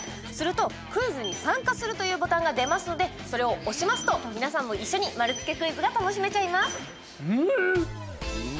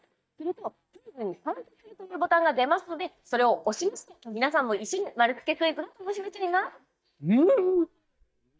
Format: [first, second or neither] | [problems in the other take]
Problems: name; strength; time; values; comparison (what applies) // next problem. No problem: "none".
first | noise reduction (neural mask model DeepFilterNet 3)